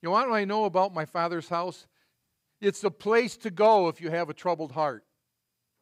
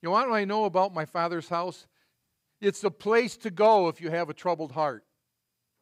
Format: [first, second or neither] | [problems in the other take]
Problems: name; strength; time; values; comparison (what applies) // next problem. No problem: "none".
neither | none